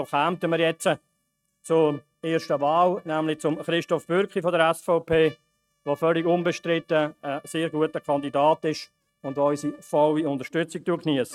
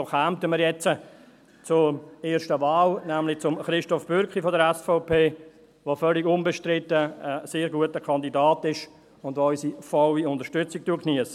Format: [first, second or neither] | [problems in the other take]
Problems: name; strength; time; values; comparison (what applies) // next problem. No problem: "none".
second | noise reduction (neural mask model RNNoise)